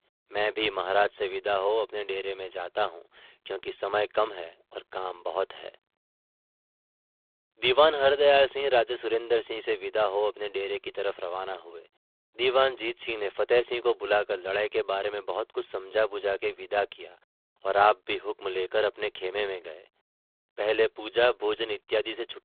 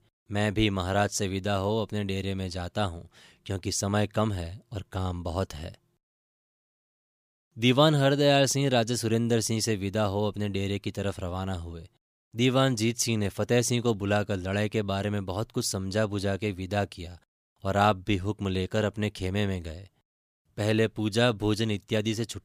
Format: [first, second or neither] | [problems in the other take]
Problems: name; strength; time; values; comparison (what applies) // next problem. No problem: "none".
second | phone-call audio; poor line; nothing above 3.5 kHz